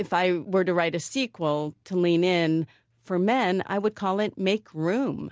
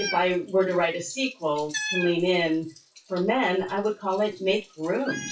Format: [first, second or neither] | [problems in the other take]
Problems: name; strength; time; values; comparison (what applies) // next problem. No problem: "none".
first | noise reduction (classical method WPE with log-MMSE)